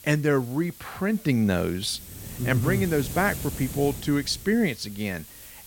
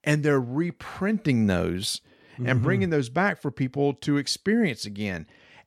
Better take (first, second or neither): second